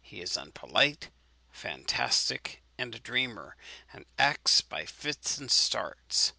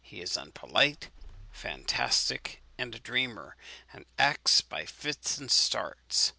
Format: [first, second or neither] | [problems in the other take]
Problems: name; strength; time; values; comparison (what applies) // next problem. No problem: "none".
first | background sound (Engine starting / Car); 20 dB below the speech